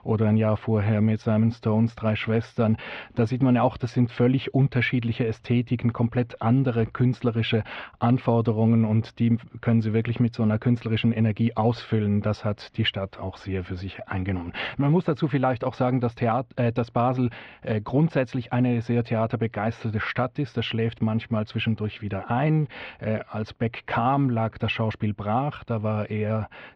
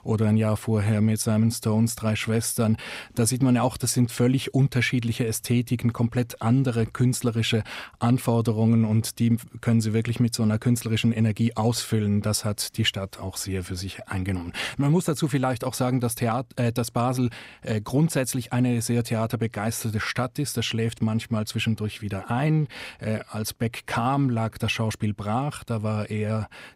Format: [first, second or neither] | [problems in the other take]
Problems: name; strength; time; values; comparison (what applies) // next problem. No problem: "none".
second | muffled; very; fading above 3.5 kHz